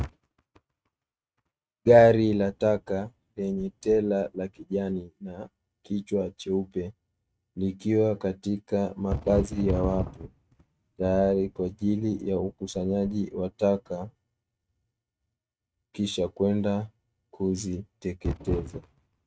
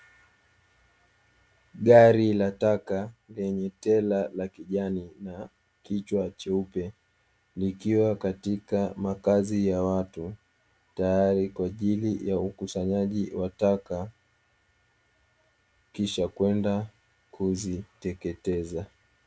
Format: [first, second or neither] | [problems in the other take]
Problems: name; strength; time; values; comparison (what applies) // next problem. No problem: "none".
second | noise reduction (neural mask model RNNoise)